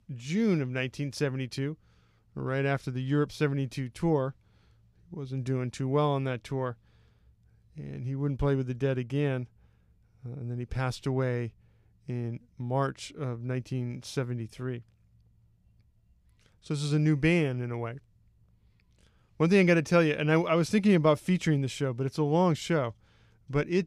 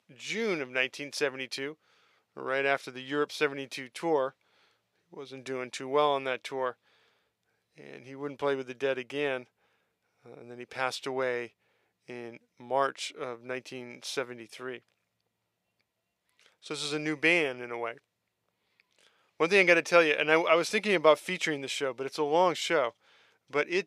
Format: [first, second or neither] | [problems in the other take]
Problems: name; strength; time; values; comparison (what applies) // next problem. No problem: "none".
first | thin; very; fading below 550 Hz